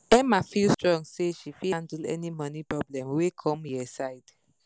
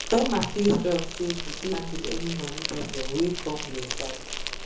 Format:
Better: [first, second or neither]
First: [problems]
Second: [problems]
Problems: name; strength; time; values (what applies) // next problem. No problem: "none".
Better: first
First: none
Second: background sound (Insect); 5 dB below the speech // room echo; dies away in 0.5 s